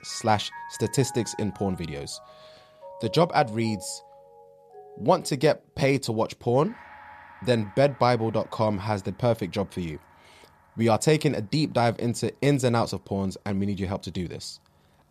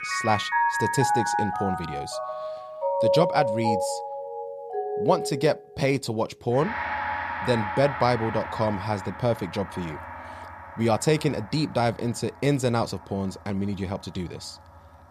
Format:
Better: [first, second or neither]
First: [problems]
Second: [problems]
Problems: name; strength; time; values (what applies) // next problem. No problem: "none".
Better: first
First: background music; faint; throughout; 20 dB below the speech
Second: background music; loud; throughout; 2 dB below the speech